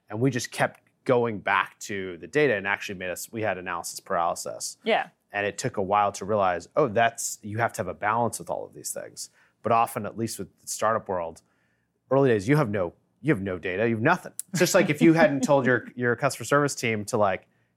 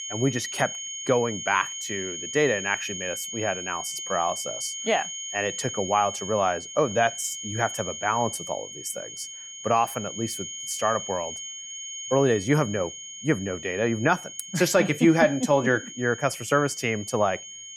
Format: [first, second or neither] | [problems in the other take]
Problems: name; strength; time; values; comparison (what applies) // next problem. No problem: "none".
first | high-pitched whine; loud; throughout; 6.5 kHz, 8 dB below the speech